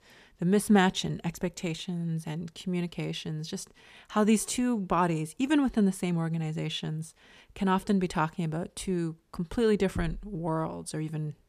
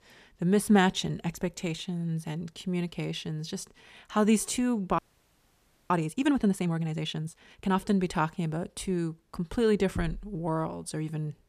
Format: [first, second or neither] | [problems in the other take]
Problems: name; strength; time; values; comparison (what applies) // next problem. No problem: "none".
first | audio freezing; at 5 s for 1 s